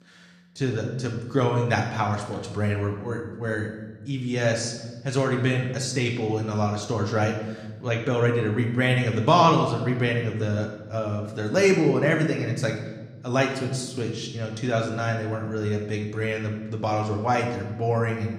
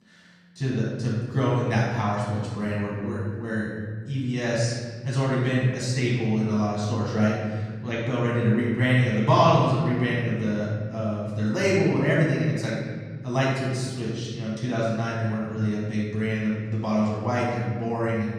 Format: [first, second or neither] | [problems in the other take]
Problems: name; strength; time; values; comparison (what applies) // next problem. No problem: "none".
first | room echo; strong; dies away in 2 s; slight in the first // off-mic speech; far; somewhat distant in the first